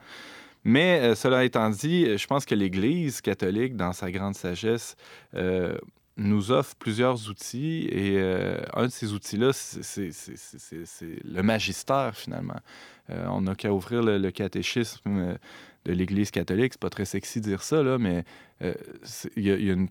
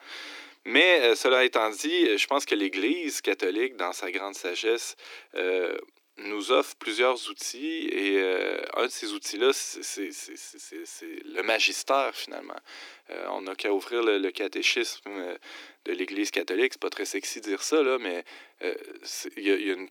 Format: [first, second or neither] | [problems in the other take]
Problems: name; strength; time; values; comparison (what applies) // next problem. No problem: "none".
first | thin; somewhat; fading below 300 Hz